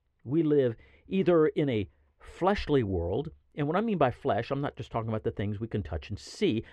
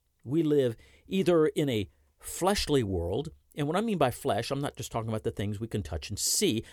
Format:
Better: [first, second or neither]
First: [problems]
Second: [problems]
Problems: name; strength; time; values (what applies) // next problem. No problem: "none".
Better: second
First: muffled; very; fading above 2 kHz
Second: none